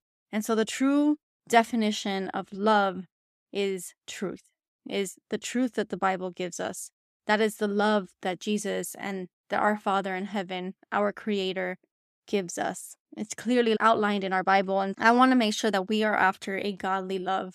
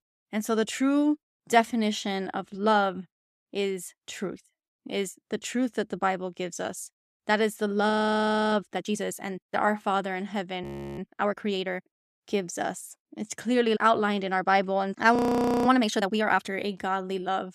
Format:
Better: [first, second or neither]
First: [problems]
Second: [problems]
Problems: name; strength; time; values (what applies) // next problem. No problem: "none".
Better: first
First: none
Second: audio freezing; at 8 s for 0.5 s, at 11 s and at 15 s